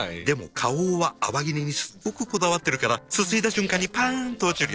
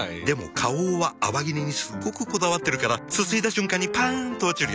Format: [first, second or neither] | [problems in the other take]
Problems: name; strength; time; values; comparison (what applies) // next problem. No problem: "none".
second | noise reduction (neural separator model SepFormer DNS4)